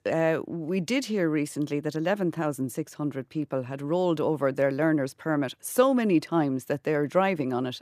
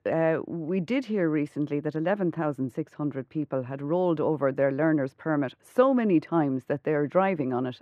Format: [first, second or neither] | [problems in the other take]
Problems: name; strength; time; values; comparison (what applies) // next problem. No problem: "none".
first | muffled; very; fading above 4 kHz